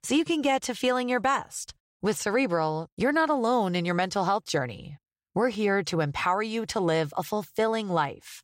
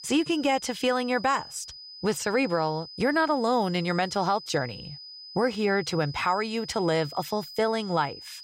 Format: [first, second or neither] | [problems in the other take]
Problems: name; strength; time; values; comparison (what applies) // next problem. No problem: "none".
first | high-pitched whine; noticeable; throughout; 5 kHz, 15 dB below the speech